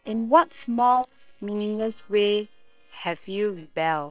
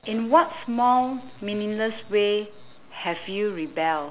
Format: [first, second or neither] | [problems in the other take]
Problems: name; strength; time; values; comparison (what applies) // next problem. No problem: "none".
second | noise reduction (neural separator model SepFormer WHAM!)